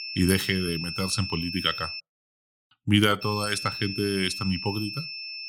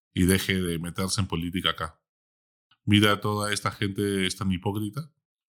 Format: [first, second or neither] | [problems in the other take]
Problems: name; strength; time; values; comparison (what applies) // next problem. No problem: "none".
second | high-pitched whine; loud; until 2 s and from 3 s on; 5.5 kHz, 6 dB below the speech